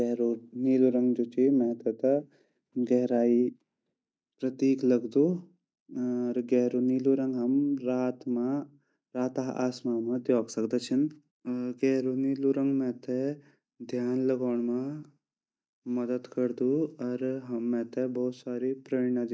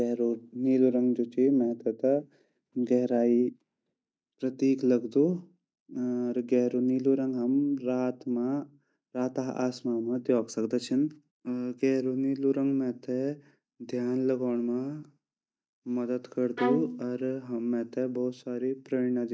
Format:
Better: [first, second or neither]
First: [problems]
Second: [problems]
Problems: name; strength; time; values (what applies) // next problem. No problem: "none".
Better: first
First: none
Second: background sound (Bowed string instrument); 5 dB below the speech